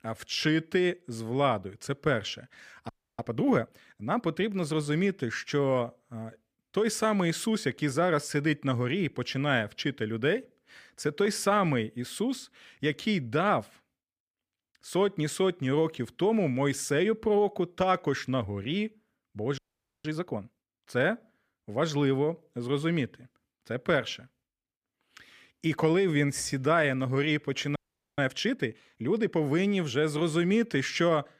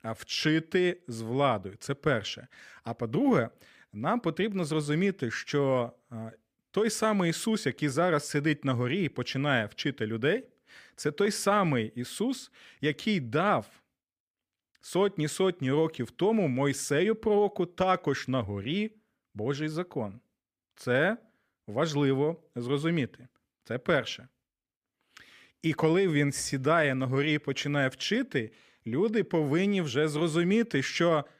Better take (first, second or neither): second